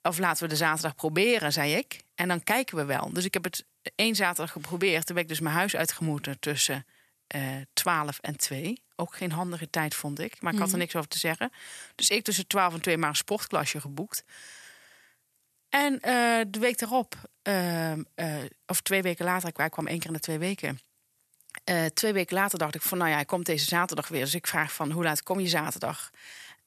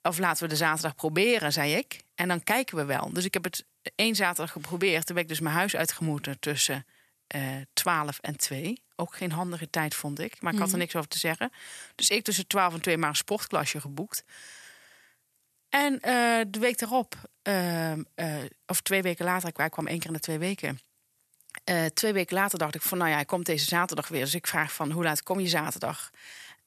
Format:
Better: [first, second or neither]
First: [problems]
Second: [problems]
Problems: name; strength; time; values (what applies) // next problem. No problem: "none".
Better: neither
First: thin; somewhat; fading below 500 Hz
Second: thin; somewhat; fading below 500 Hz